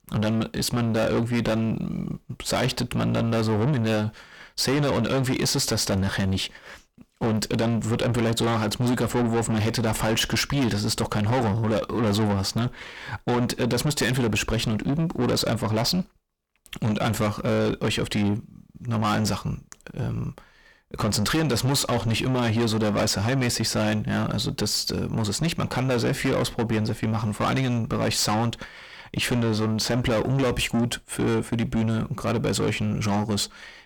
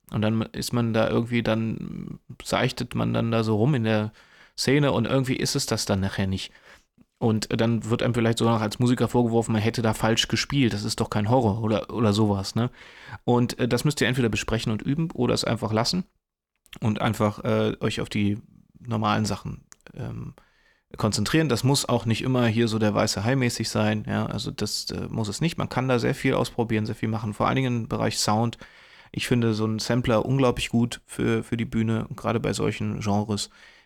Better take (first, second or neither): second